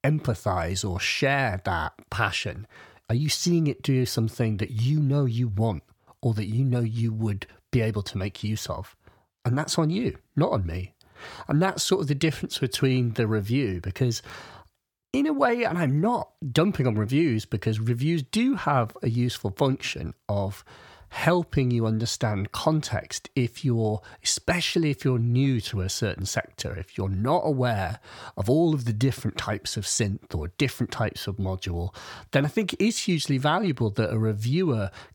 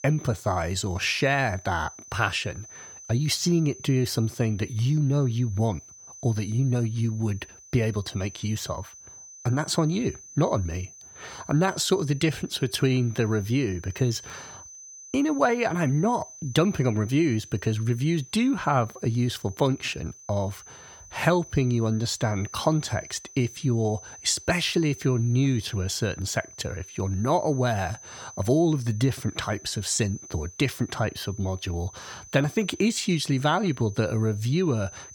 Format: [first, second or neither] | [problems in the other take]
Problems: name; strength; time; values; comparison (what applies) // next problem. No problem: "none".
first | high-pitched whine; noticeable; throughout; 6 kHz, 20 dB below the speech